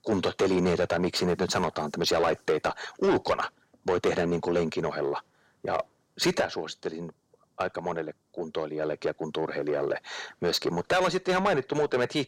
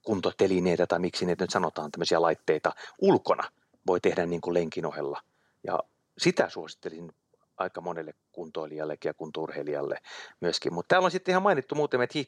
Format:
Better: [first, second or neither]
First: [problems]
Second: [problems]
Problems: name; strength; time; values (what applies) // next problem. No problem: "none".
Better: second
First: distortion; heavy; 7 dB below the speech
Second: none